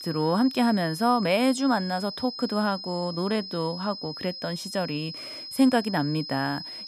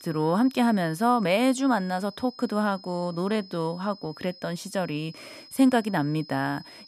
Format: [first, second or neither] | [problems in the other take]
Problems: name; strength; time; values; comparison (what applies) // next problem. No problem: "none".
second | high-pitched whine; loud; throughout; 5 kHz, 10 dB below the speech; faint in the second